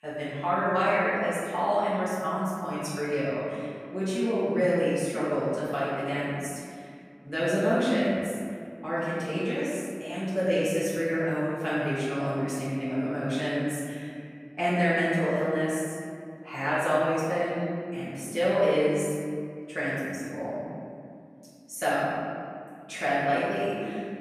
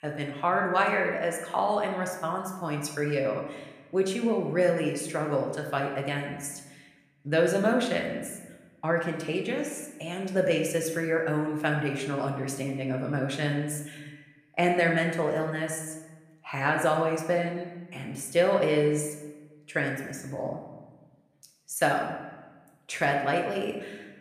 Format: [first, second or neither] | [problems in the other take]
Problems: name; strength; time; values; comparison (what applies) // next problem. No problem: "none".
second | room echo; strong; dies away in 2.2 s; slight in the second // off-mic speech; far